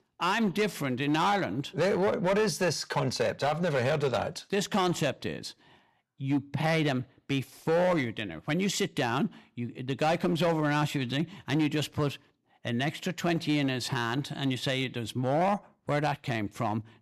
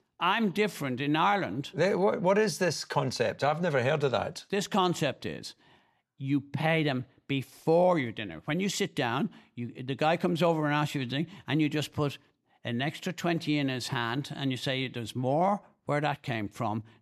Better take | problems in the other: second | distortion; slight; 6% of the sound clipped

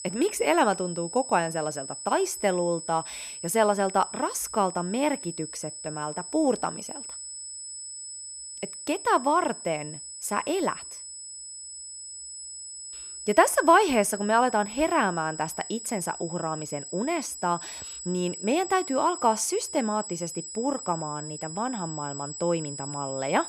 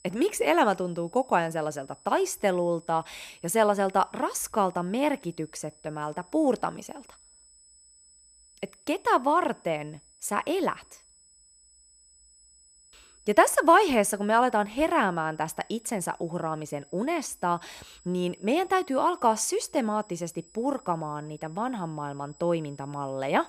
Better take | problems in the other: second | high-pitched whine; loud; throughout; 8 kHz, 10 dB below the speech; faint in the second

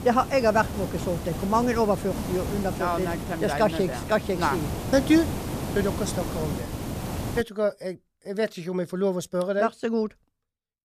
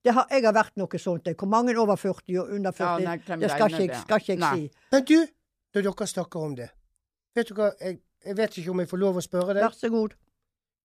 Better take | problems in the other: second | hiss; loud; until 7.5 s; 6 dB below the speech

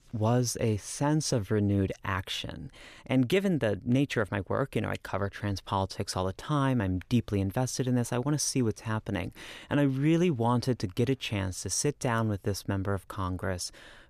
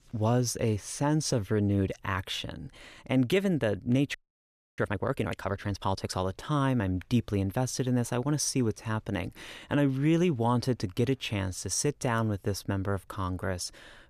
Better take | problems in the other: first | audio freezing; at 4 s for 0.5 s

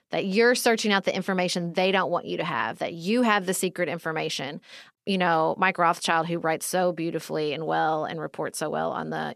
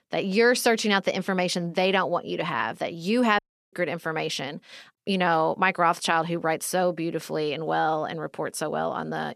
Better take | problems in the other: first | audio cutting out; at 3.5 s

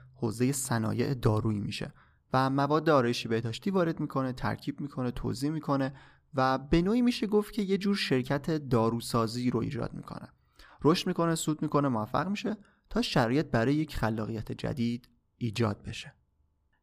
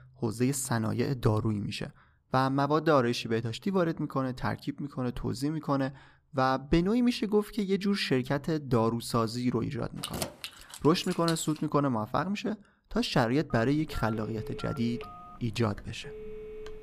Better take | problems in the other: first | jangling keys; noticeable; from 10 to 12 s; peak 6 dB below the speech // phone ringing; faint; from 14 s on; peak 10 dB below the speech

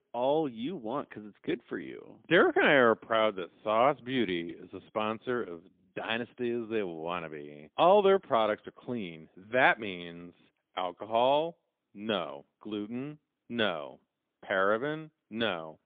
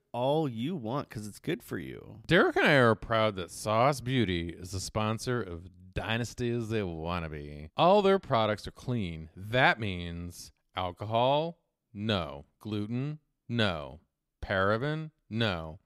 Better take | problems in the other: second | phone-call audio; poor line; nothing above 3.5 kHz

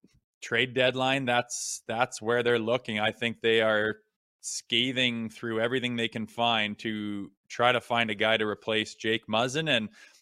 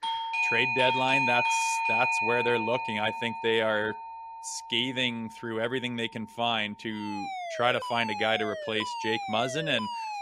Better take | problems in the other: first | alarms or sirens; loud; throughout; as loud as the speech

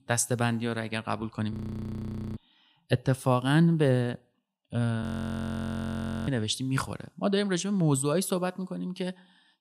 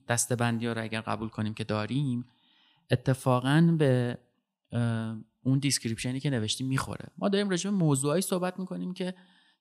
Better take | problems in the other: second | audio freezing; at 1.5 s for 1 s and at 5 s for 1.5 s

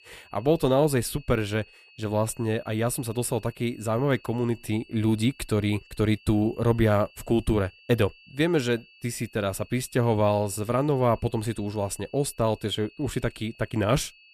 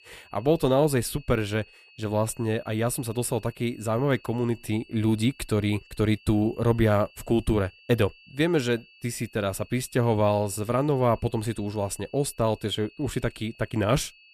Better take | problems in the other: neither | high-pitched whine; faint; throughout; 2.5 kHz, 25 dB below the speech; the same in both

